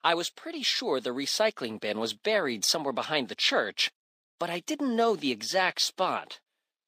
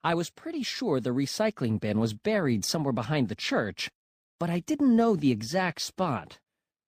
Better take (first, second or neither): second